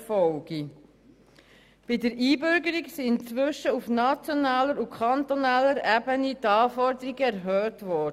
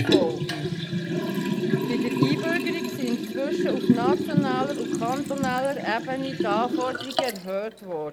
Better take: first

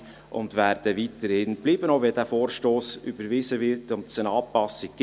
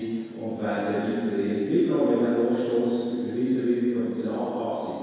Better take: first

